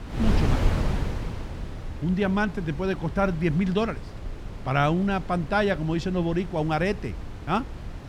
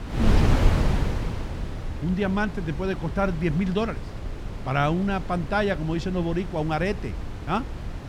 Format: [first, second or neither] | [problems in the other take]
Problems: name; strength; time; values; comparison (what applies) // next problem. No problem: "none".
first | wind noise on the microphone; heavy; 8 dB below the speech; occasional gusts in the first